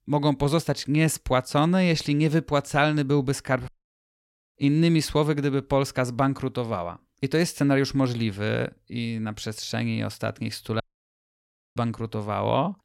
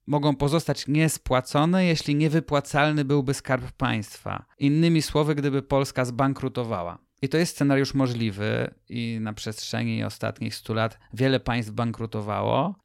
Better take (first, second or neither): second